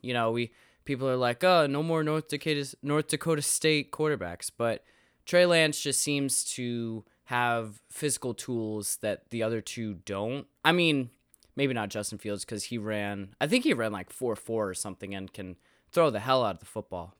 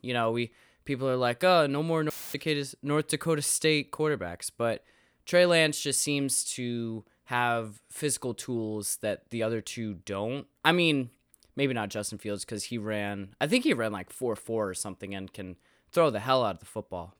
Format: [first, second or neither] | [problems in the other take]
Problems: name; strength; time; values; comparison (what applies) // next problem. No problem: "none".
first | audio cutting out; filled with static; at 2 s